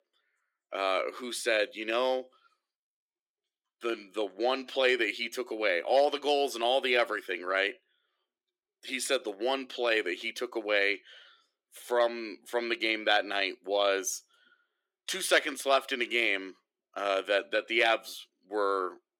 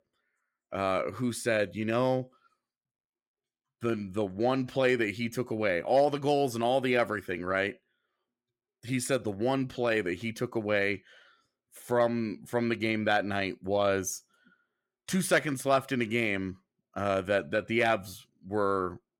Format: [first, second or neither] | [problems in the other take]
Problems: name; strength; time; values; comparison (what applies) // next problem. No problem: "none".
second | thin; somewhat; fading below 300 Hz